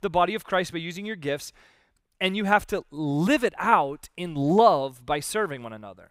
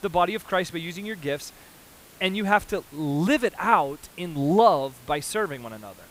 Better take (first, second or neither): first